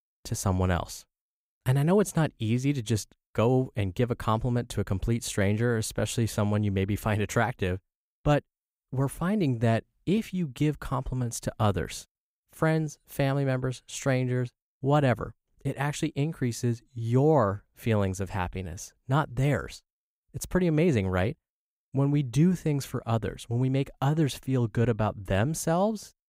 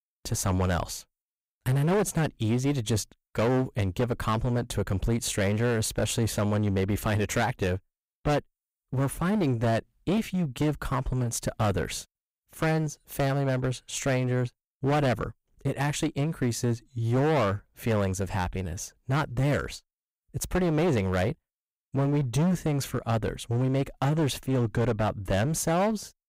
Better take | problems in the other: first | distortion; heavy; 15% of the sound clipped

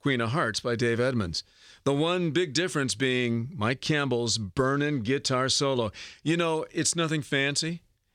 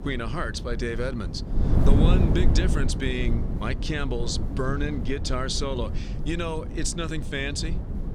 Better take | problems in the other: first | wind noise on the microphone; heavy; 6 dB below the speech

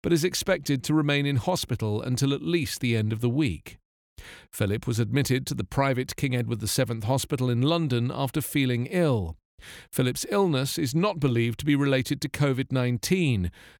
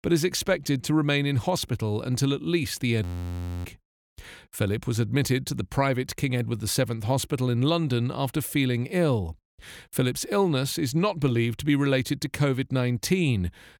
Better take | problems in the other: first | audio freezing; at 3 s for 0.5 s

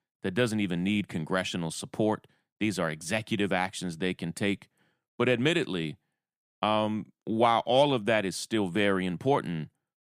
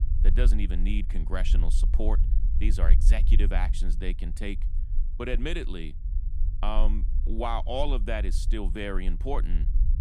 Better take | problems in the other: first | low rumble; noticeable; throughout; 15 dB below the speech

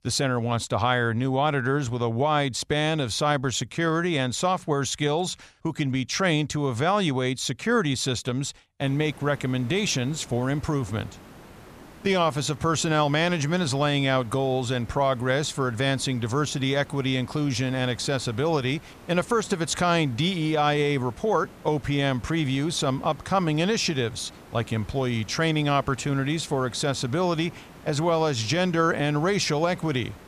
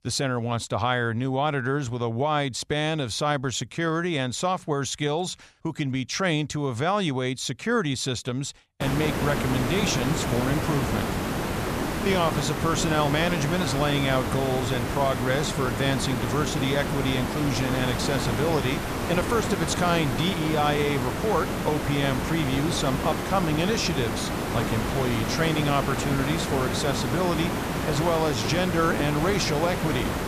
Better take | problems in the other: first | hiss; loud; from 9 s on; 2 dB below the speech; faint in the first

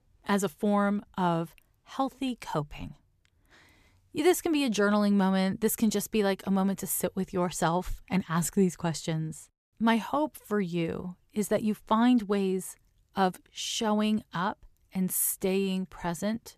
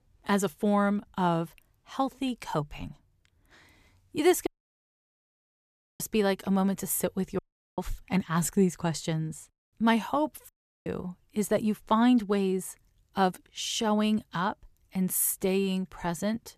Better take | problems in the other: first | audio cutting out; at 4.5 s for 1.5 s, at 7.5 s and at 10 s

